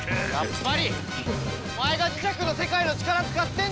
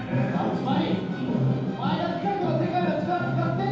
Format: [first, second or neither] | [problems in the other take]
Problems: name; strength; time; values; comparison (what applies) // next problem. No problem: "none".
first | room echo; dies away in 0.8 s